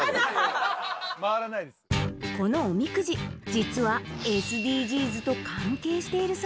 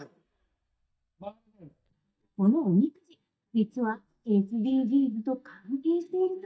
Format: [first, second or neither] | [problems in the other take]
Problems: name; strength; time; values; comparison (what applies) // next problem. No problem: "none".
first | noise reduction (neural mask model DeepFilterNet 3)